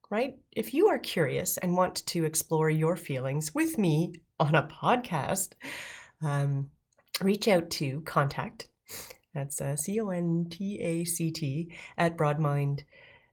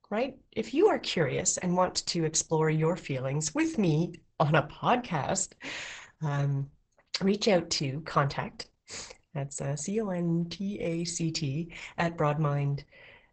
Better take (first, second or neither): first